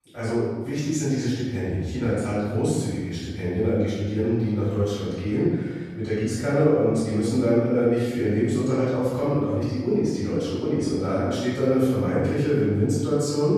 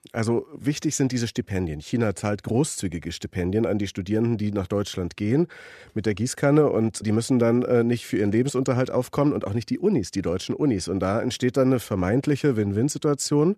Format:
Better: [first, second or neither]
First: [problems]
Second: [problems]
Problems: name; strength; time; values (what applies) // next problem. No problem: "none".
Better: second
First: off-mic speech; far // room echo; strong; dies away in 1.2 s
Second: none